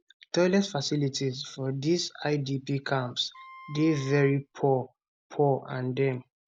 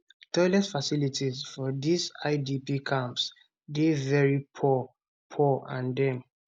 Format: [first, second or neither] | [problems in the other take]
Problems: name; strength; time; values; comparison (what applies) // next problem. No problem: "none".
second | background sound (Wind instrument, woodwind instrument); 20 dB below the speech